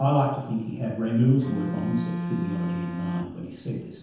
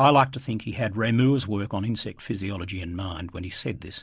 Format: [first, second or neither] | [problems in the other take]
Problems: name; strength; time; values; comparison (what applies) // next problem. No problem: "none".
second | background sound (Bowed string instrument); 3 dB below the speech // room echo; dies away in 0.9 s